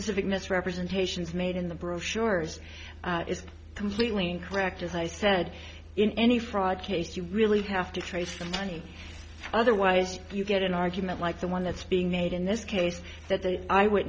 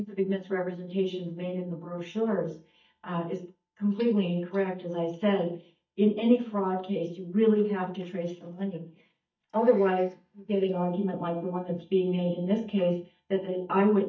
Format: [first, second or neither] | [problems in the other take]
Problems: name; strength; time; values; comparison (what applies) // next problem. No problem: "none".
first | noise reduction (neural mask model DeepFilterNet 3)